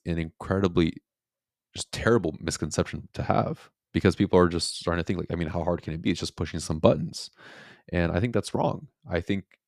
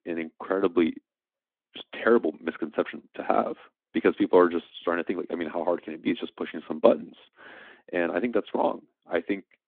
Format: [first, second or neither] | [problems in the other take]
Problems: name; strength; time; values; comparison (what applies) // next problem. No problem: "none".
first | phone-call audio; nothing above 3.5 kHz